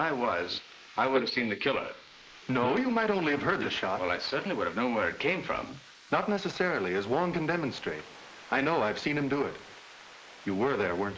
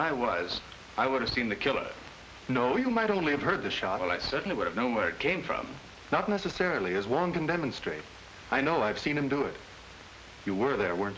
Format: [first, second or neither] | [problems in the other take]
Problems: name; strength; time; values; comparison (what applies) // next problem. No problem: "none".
second | noise reduction (neural mask model Resemble Enhance denoiser)